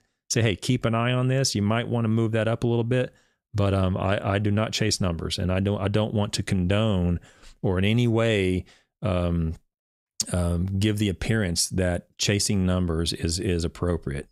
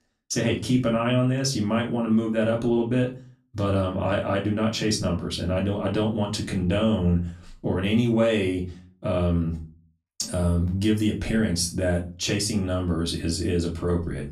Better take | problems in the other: first | off-mic speech; far // room echo; very slight; dies away in 0.3 s

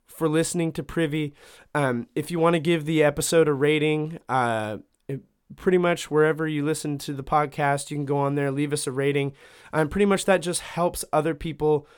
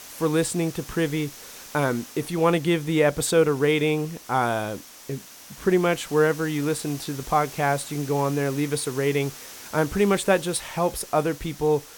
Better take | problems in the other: first | hiss; noticeable; throughout; 15 dB below the speech

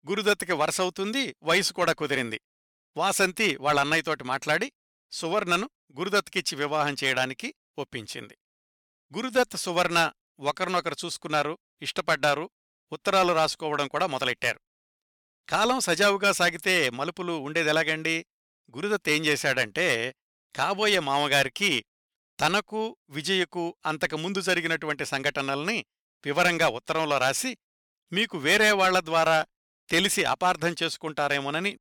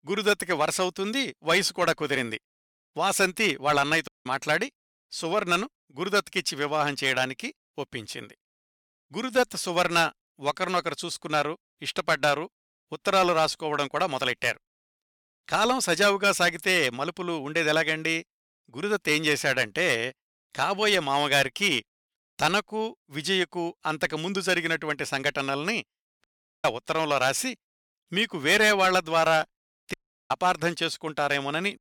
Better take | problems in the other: first | audio cutting out; at 4 s, at 26 s and at 30 s

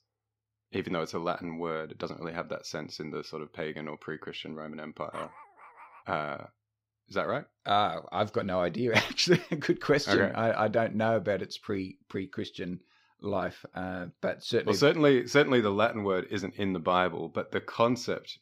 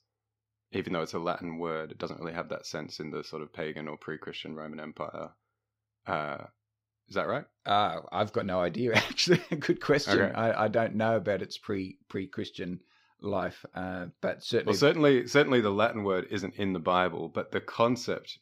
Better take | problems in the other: second | dog barking; faint; at 5 s; peak 15 dB below the speech

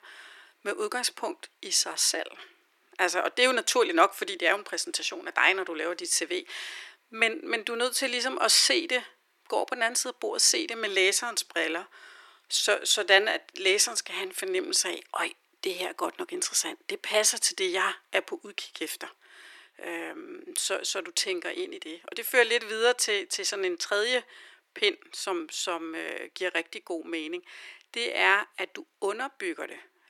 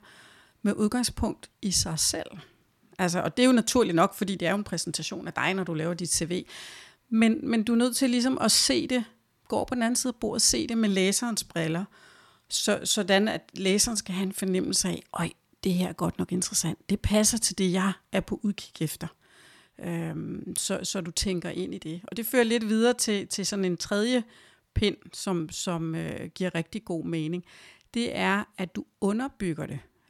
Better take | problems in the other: second | thin; very; fading below 350 Hz

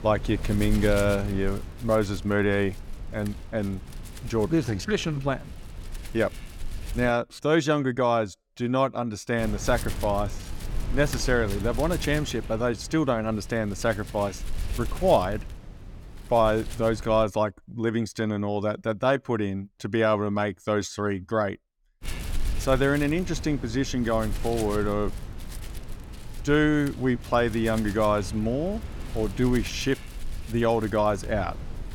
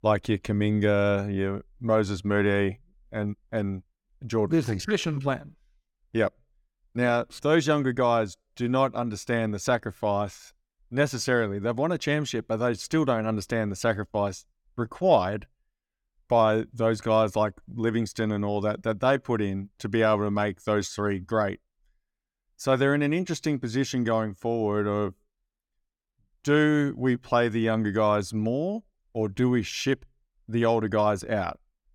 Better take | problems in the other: second | wind noise on the microphone; occasional gusts; until 7 s, from 9.5 to 17 s and from 22 s on; 15 dB below the speech

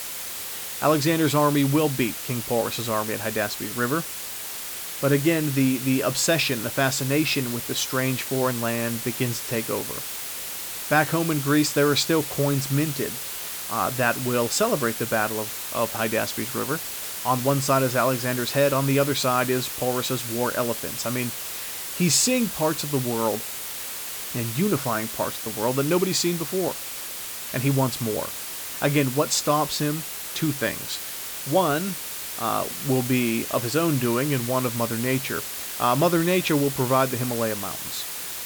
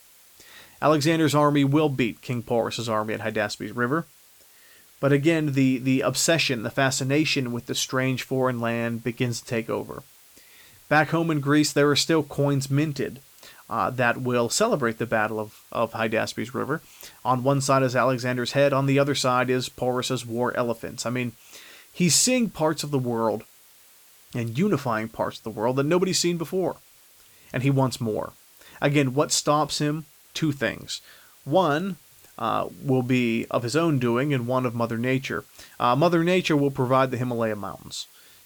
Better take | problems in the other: second | hiss; loud; throughout; 6 dB below the speech; faint in the second

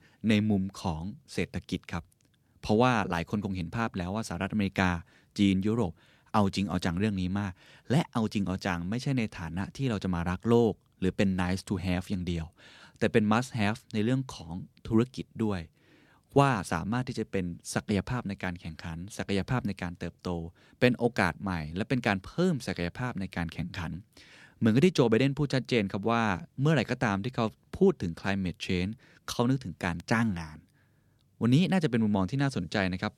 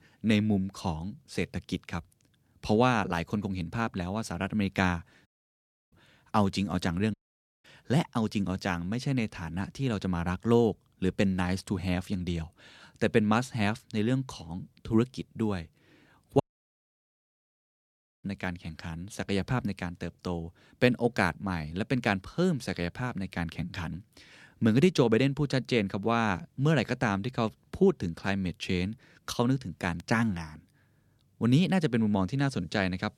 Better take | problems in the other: first | audio cutting out; at 5.5 s for 0.5 s, at 7 s for 0.5 s and at 16 s for 2 s

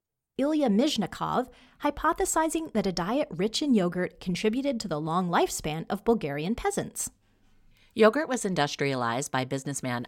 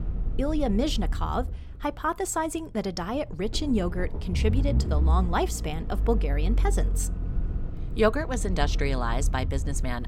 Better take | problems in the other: first | low rumble; noticeable; throughout; 15 dB below the speech

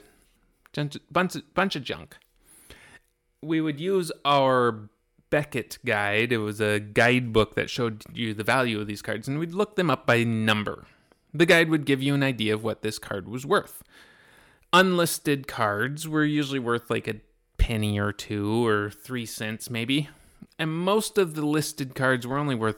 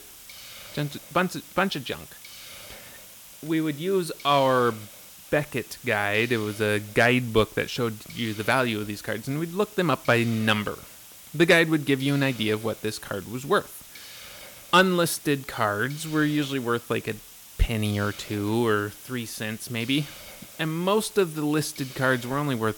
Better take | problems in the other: first | hiss; noticeable; throughout; 15 dB below the speech

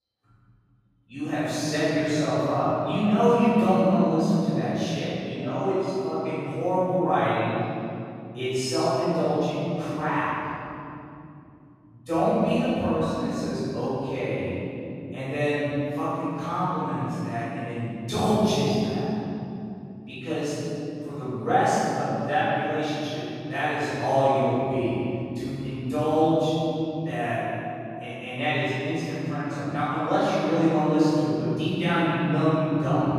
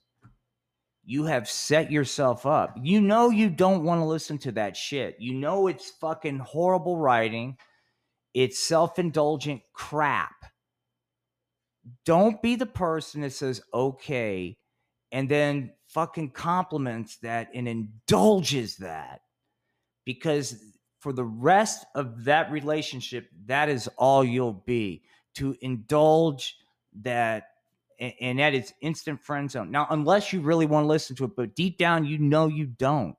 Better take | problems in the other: second | off-mic speech; far // room echo; strong; dies away in 3 s

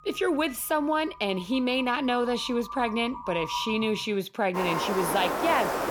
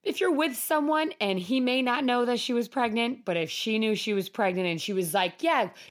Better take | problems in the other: second | animal sounds; loud; throughout; 5 dB below the speech

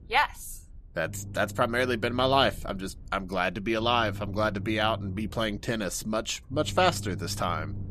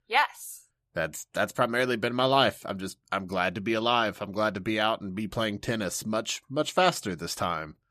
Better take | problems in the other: second | low rumble; faint; throughout; 25 dB below the speech

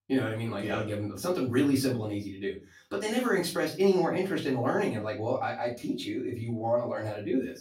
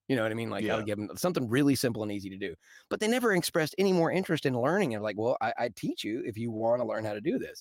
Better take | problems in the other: second | off-mic speech; far // room echo; slight; dies away in 0.3 s

